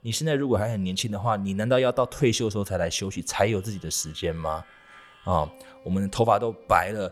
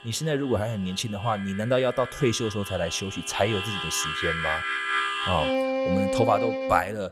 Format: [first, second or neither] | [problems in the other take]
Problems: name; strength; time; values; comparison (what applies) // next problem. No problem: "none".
first | background music; loud; throughout; 1 dB below the speech; faint in the first